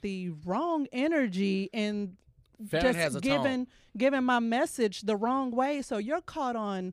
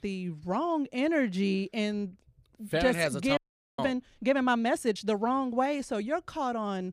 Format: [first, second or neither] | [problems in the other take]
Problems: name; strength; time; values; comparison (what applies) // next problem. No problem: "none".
first | audio freezing; at 3.5 s